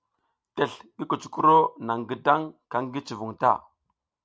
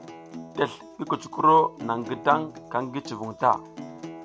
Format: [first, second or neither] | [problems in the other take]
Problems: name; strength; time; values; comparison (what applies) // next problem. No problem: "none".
first | background sound (Acoustic guitar); 15 dB below the speech